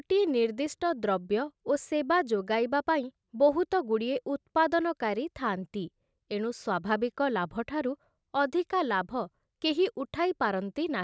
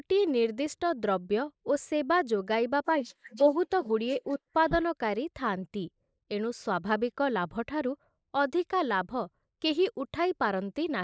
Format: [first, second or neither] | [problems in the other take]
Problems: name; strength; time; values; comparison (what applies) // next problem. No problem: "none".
first | noise reduction (neural mask model Resemble Enhance denoiser)